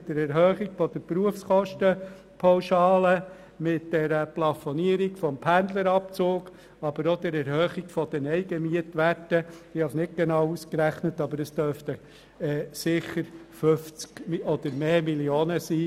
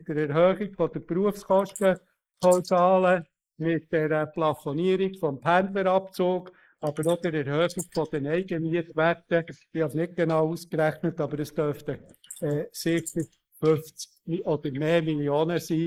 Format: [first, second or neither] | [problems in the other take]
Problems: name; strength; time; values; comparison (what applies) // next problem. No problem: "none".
first | noise reduction (neural mask model Resemble Enhance denoiser)